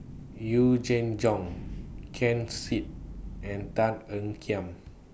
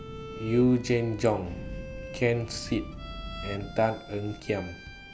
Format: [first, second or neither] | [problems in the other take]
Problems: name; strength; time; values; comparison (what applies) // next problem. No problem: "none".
first | background sound (Bowed string instrument); 16 dB below the speech